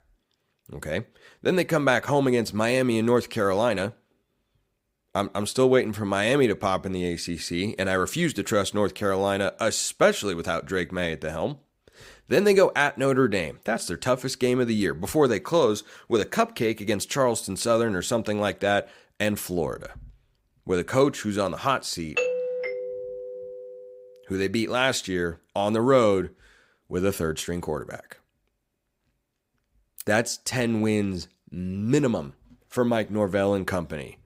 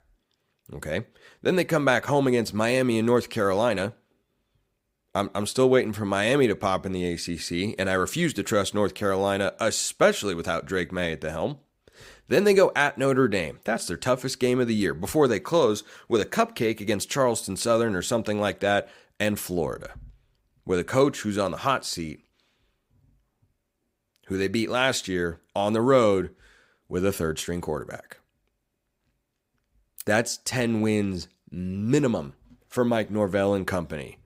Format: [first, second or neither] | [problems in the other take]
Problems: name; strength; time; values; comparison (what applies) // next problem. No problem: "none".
second | doorbell; noticeable; from 22 to 24 s; peak 1 dB below the speech